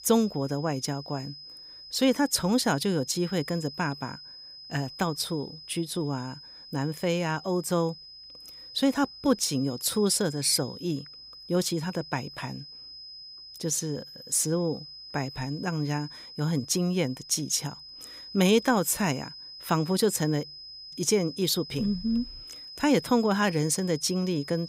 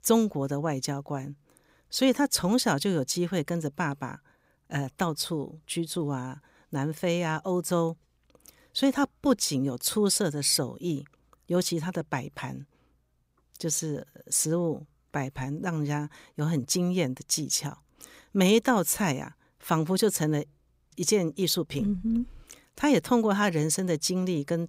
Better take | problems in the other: second | high-pitched whine; noticeable; throughout; 5 kHz, 15 dB below the speech

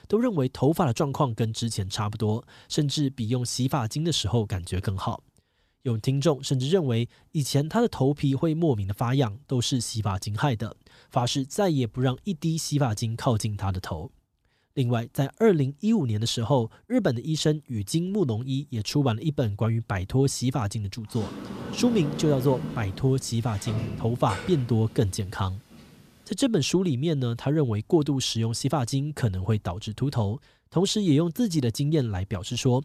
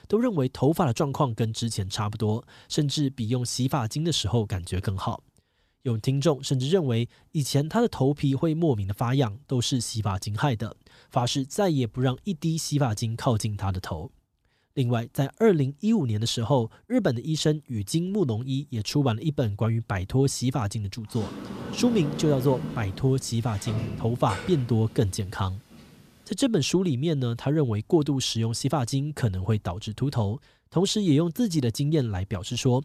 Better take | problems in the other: neither | door banging; noticeable; from 21 to 26 s; peak 7 dB below the speech; the same in both

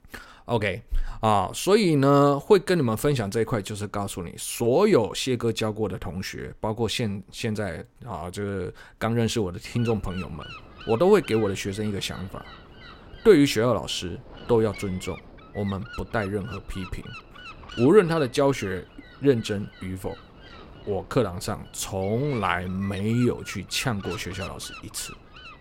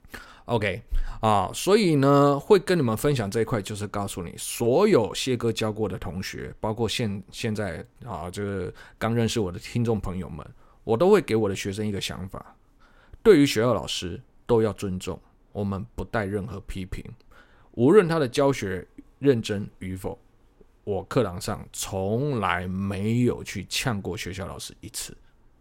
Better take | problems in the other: second | wind noise on the microphone; occasional gusts; from 9.5 s on; 15 dB below the speech

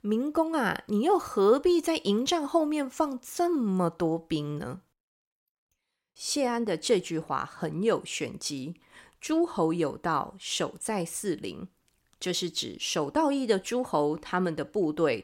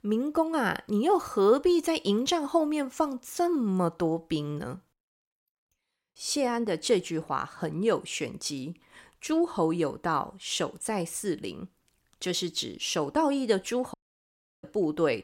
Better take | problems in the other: first | audio cutting out; at 14 s for 0.5 s

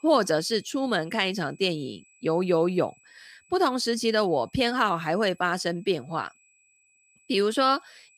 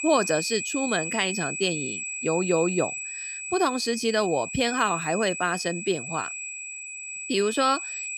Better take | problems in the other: first | high-pitched whine; loud; throughout; 2.5 kHz, 5 dB below the speech; faint in the first

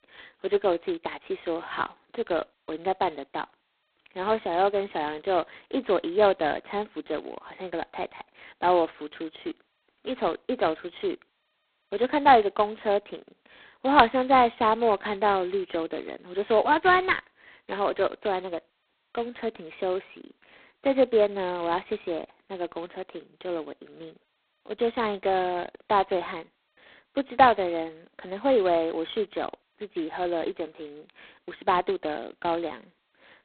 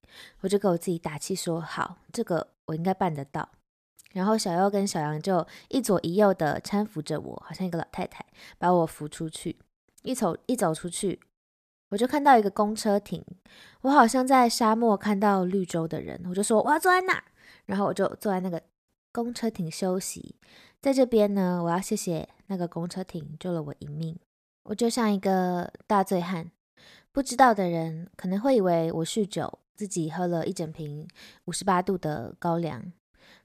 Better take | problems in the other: second | phone-call audio; poor line; nothing above 4 kHz

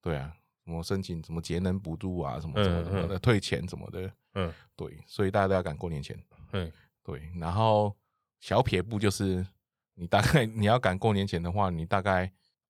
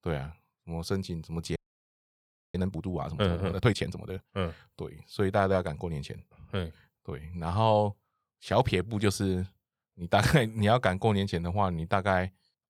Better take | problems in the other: first | audio freezing; at 1.5 s for 1 s

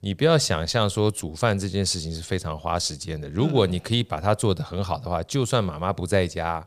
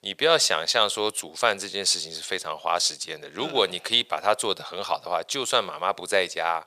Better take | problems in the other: first | thin; very; fading below 600 Hz

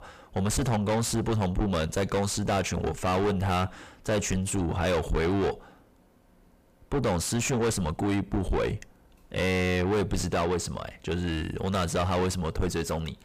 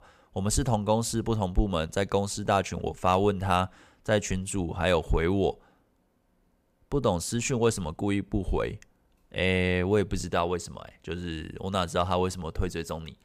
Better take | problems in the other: second | distortion; heavy; 6 dB below the speech

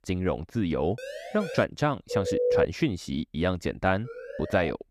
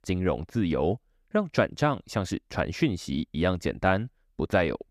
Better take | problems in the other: second | siren; noticeable; at 1 s; peak 8 dB below the speech // phone ringing; loud; at 2 s; peak 4 dB above the speech // siren; faint; at 4 s; peak 10 dB below the speech

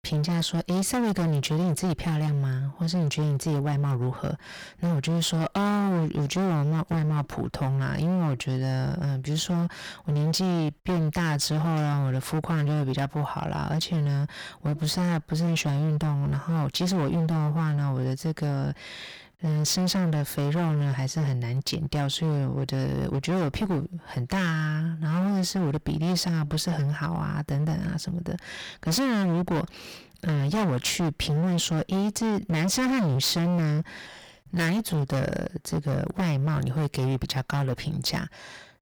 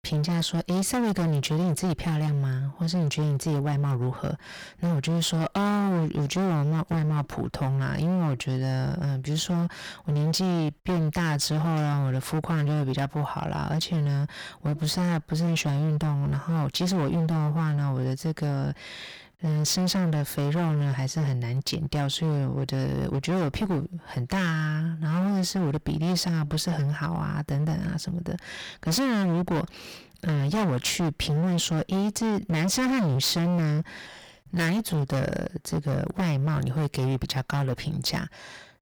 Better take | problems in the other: neither | distortion; heavy; 28% of the sound clipped; the same in both

